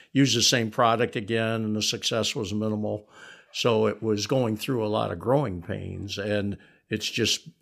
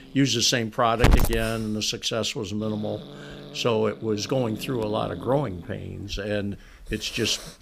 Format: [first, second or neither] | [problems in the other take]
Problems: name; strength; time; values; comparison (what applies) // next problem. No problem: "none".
first | hiss; loud; throughout; 5 dB below the speech